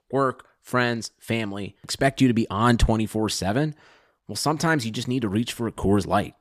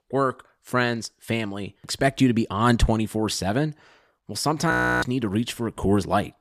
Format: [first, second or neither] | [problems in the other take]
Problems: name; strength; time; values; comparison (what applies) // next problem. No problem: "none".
first | audio freezing; at 4.5 s